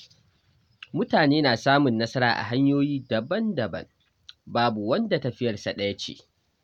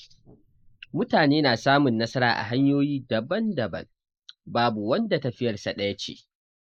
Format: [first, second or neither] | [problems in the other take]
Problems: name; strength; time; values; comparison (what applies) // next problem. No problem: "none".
first | noise reduction (neural mask model Resemble Enhance denoiser)